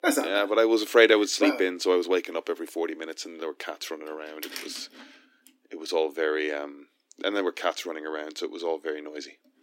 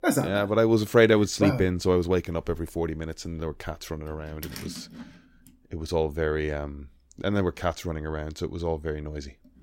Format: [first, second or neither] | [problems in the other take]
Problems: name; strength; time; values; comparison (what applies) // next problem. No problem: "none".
second | thin; somewhat; fading below 300 Hz